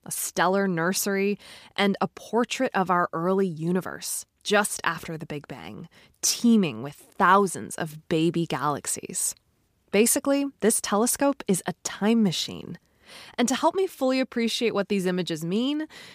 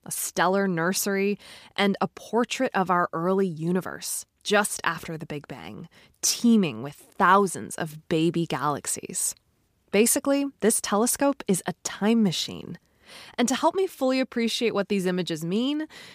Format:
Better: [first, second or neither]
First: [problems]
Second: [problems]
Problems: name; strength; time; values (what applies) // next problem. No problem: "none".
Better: neither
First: none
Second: none